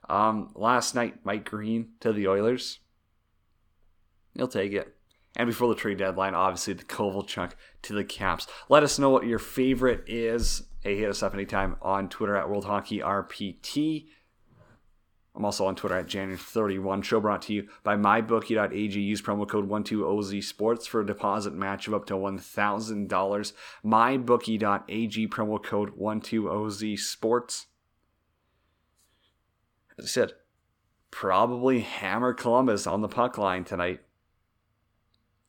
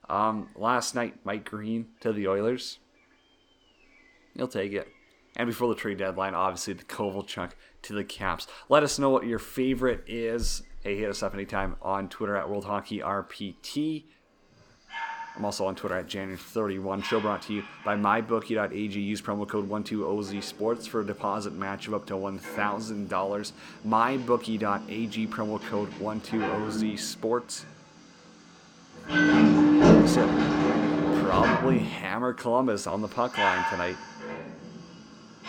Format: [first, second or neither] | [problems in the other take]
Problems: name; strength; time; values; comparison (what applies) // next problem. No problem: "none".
first | animal sounds; very loud; throughout; 5 dB above the speech